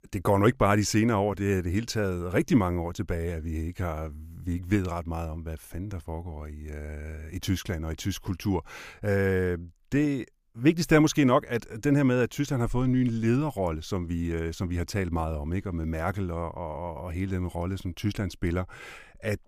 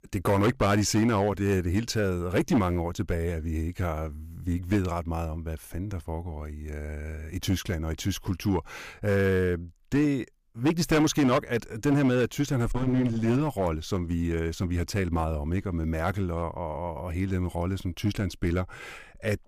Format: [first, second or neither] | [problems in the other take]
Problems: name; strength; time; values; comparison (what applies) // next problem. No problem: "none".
first | distortion; slight; 5% of the sound clipped